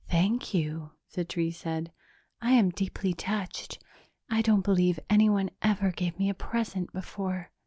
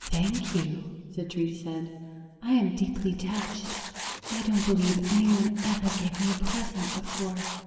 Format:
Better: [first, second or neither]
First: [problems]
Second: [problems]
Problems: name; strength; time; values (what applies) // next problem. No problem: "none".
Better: first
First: none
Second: background sound (Tools); 11 dB below the speech // room echo; dies away in 1.8 s